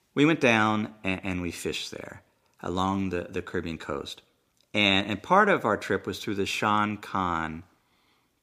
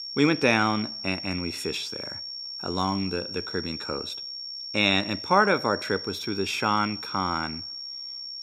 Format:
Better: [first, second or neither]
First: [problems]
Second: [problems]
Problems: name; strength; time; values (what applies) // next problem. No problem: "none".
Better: first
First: none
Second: high-pitched whine; loud; throughout; 5.5 kHz, 7 dB below the speech